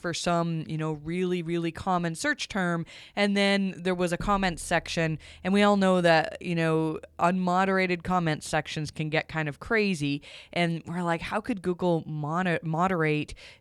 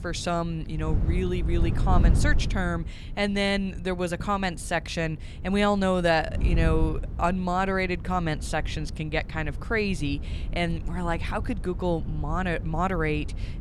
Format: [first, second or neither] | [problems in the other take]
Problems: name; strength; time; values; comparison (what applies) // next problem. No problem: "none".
first | wind noise on the microphone; occasional gusts; 15 dB below the speech